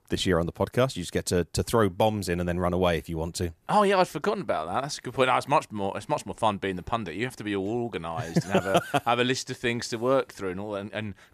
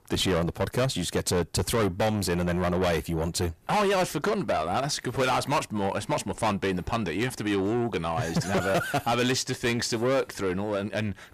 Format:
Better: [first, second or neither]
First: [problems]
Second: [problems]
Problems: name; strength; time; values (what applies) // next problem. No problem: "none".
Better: first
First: none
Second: distortion; heavy; 6 dB below the speech